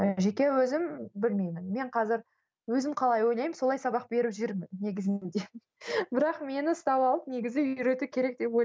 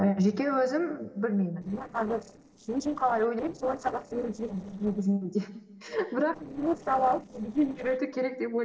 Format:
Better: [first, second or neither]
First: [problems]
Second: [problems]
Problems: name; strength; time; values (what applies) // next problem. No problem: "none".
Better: first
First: none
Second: noise reduction (neural separator model SepFormer DNS4)